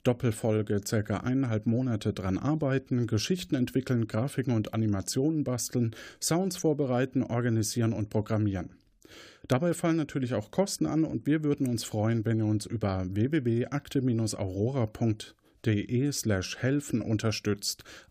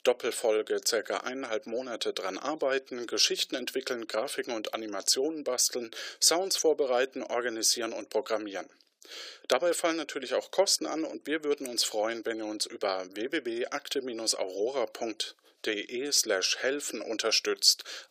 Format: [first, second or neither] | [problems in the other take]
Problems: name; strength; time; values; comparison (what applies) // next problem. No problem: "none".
first | thin; very; fading below 450 Hz